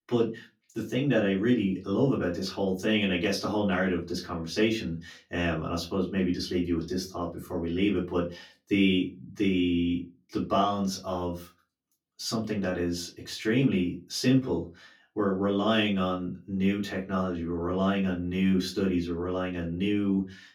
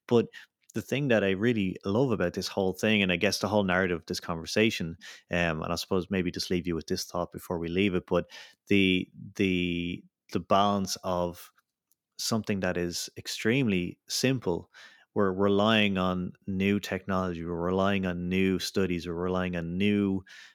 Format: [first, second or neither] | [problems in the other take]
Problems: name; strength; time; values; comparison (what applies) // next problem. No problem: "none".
second | off-mic speech; far // room echo; very slight; dies away in 0.2 s